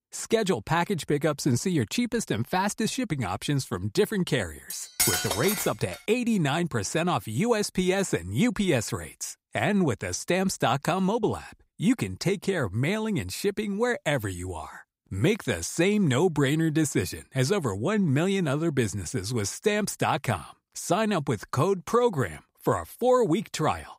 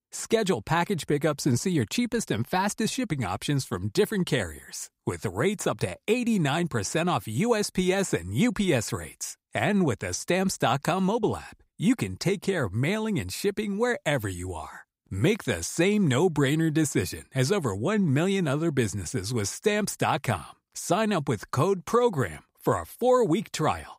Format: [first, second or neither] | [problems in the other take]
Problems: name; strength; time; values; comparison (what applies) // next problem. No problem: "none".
second | clattering dishes; loud; from 4.5 to 6 s; peak 3 dB above the speech